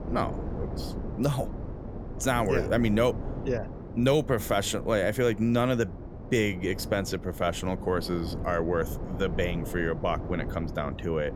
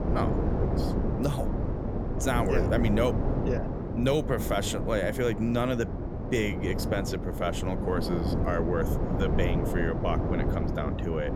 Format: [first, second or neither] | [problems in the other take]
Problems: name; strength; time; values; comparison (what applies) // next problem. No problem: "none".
first | wind noise on the microphone; heavy; 4 dB below the speech; occasional gusts in the first